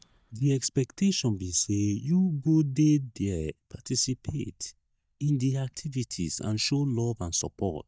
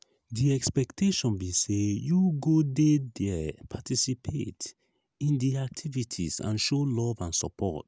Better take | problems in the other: second | noise reduction (neural mask model DeepFilterNet 3)

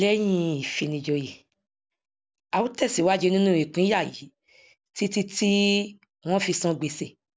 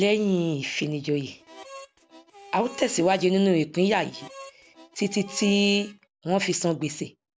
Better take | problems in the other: first | background sound (Harmonica); 20 dB below the speech

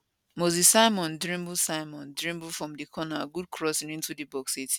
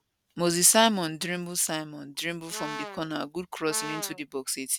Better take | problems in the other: first | background sound (Brass instrument); 11 dB below the speech

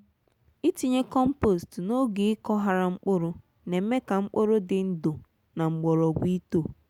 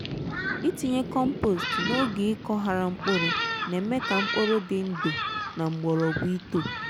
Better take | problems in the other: first | background sound (Thunderstorm); 4 dB below the speech

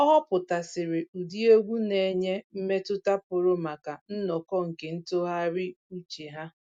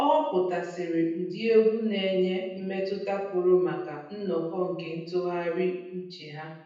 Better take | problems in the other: first | room echo; dies away in 0.9 s

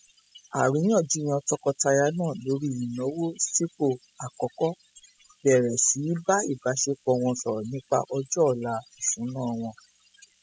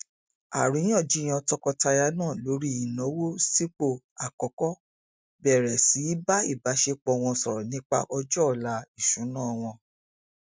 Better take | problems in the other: second | noise reduction (classical method spectral subtraction)

